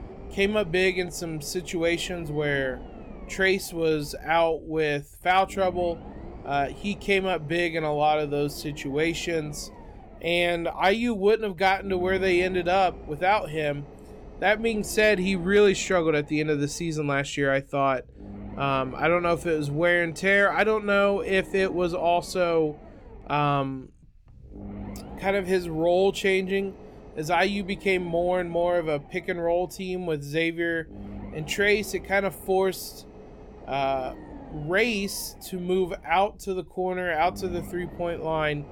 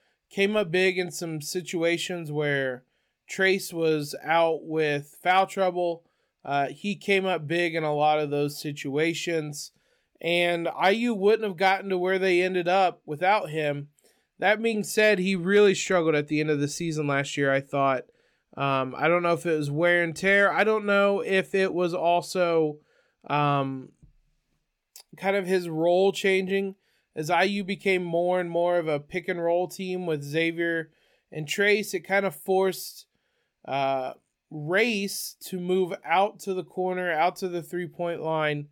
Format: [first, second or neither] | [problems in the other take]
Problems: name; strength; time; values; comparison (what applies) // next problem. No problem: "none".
second | low rumble; faint; throughout; 20 dB below the speech